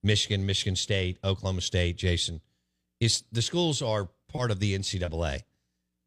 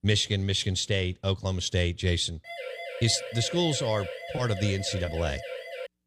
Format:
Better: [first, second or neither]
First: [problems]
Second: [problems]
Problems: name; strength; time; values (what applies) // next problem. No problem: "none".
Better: first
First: none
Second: siren; noticeable; from 2.5 s on; peak 9 dB below the speech